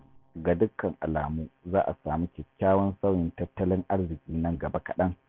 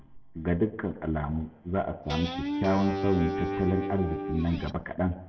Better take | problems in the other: first | background sound (Guitar); 3 dB below the speech // room echo; dies away in 0.9 s

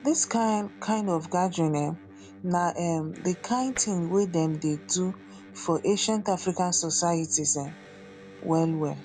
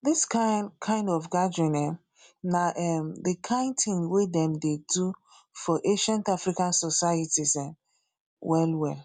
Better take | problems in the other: second | background sound (Electric guitar + Tap); 19 dB below the speech

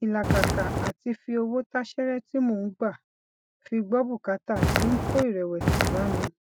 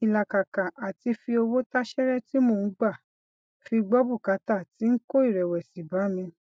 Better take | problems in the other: second | background sound (Walk, footsteps); 4 dB above the speech

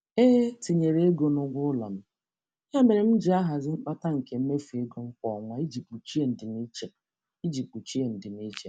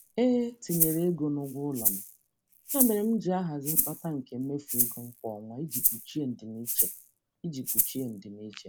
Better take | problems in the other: first | background sound (Rattle (instrument)); 1 dB below the speech

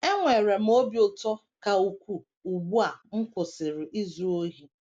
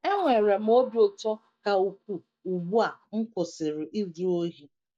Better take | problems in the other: first | noise reduction (neural mask model DeepFilterNet 3)

